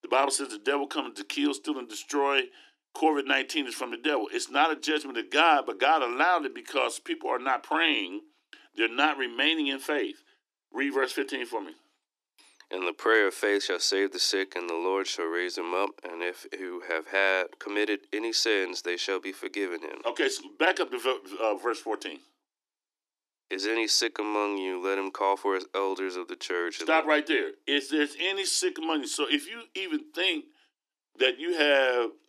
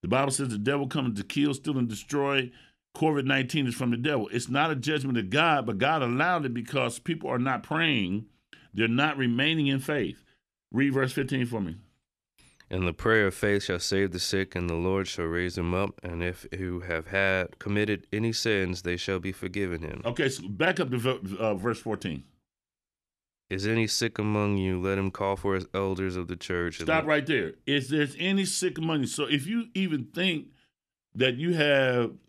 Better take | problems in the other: second | thin; somewhat; fading below 300 Hz

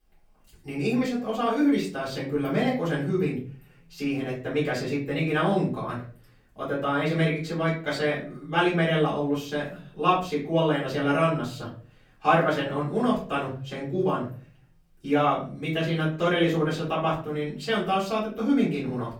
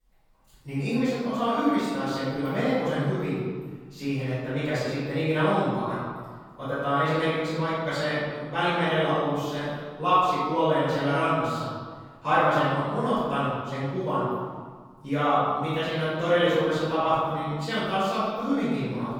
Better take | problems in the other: first | room echo; strong; dies away in 1.5 s; slight in the first // off-mic speech; far; far in the first

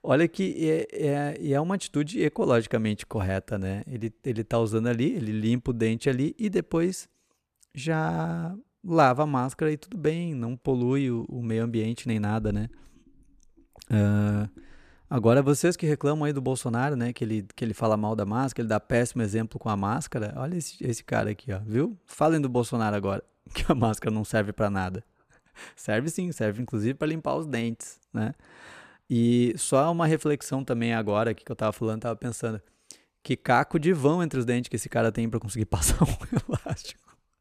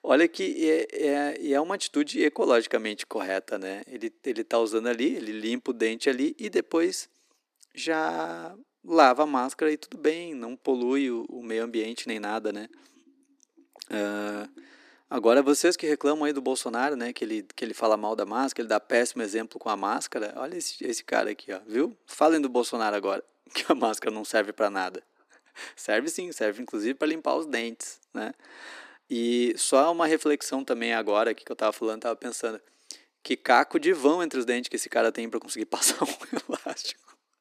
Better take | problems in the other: first | thin; somewhat; fading below 300 Hz

